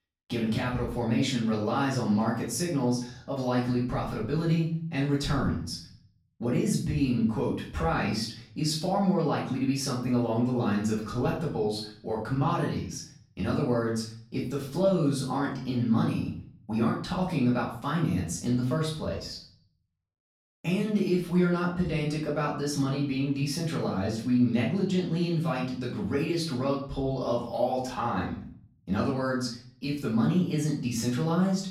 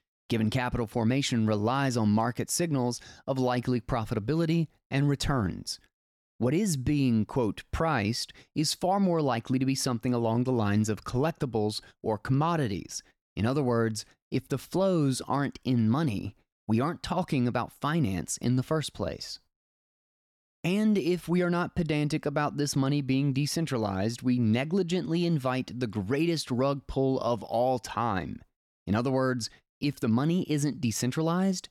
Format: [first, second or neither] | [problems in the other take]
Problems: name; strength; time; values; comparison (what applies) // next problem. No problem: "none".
second | off-mic speech; far // room echo; noticeable; dies away in 0.5 s